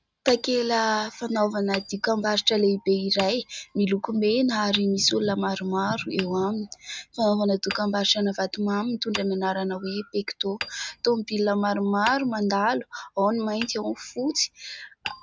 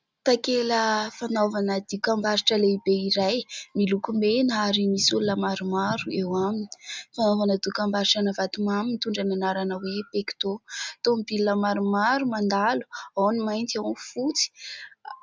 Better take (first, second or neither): second